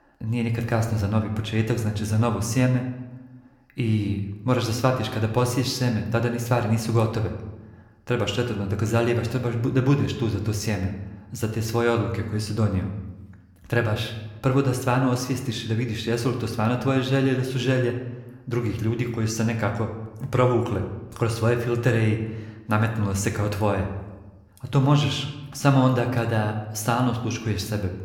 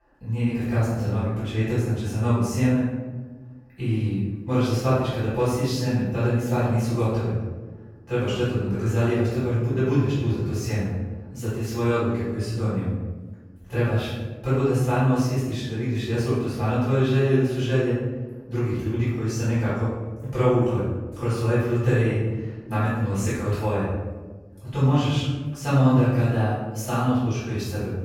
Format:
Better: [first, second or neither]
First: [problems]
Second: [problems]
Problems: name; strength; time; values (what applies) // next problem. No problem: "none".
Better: first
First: room echo; slight; dies away in 0.8 s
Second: room echo; strong; dies away in 1.3 s // off-mic speech; far